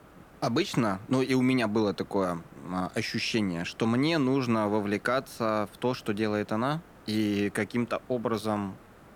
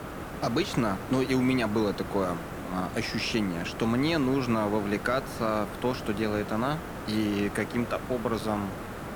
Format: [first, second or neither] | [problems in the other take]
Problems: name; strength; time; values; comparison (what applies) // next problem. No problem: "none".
first | hiss; loud; throughout; 9 dB below the speech; faint in the first